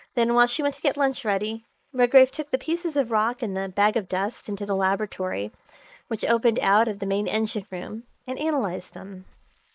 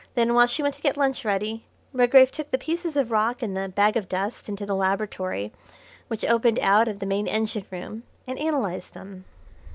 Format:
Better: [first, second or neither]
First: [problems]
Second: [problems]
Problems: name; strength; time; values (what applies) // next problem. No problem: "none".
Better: second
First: noise reduction (neural mask model Resemble Enhance denoiser)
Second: none